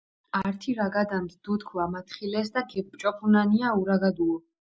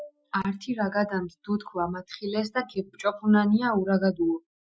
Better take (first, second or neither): first